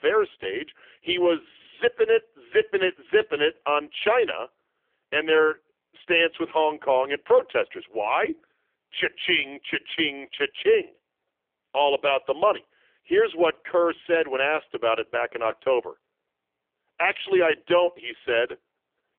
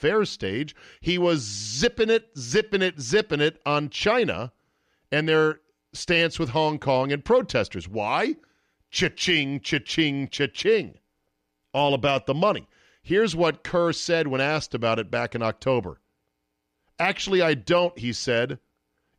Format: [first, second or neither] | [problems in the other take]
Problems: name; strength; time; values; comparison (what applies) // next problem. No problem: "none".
second | phone-call audio; poor line; nothing above 3 kHz